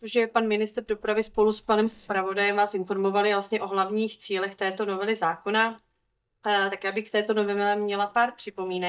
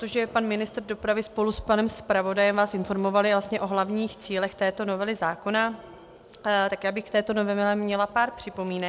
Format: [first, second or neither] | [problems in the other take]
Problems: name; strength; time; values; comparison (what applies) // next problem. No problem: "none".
second | noise reduction (neural mask model DeepFilterNet 3)